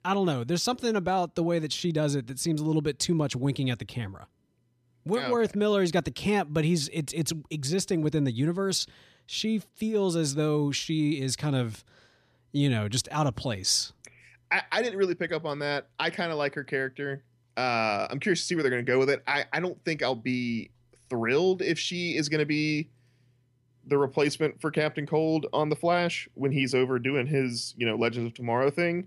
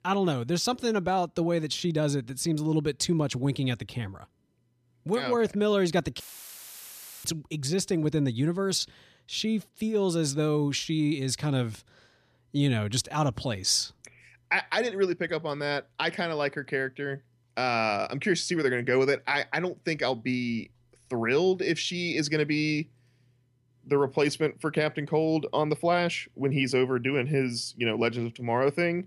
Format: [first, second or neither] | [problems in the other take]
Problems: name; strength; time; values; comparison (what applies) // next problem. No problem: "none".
first | audio cutting out; filled with static; at 6 s for 1 s